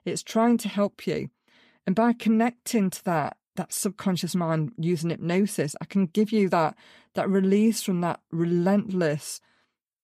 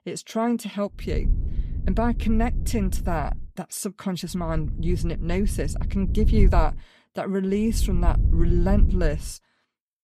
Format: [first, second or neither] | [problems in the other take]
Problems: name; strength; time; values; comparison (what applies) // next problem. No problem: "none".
first | low rumble; noticeable; from 1 to 3.5 s, from 4.5 to 6.5 s and from 7.5 to 9 s; 15 dB below the speech